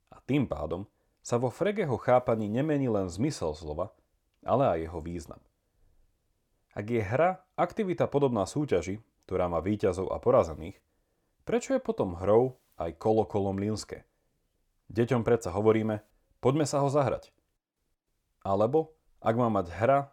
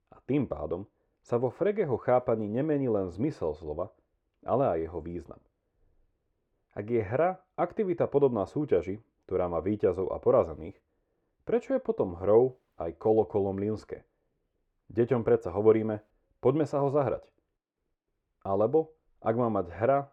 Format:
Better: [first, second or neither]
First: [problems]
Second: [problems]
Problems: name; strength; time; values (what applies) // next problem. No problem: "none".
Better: first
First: none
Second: muffled; very; fading above 4 kHz